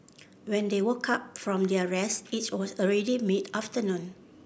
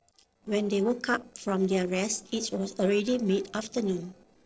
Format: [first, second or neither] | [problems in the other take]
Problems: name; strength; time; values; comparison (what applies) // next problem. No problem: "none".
first | noise reduction (neural separator model SepFormer DNS4)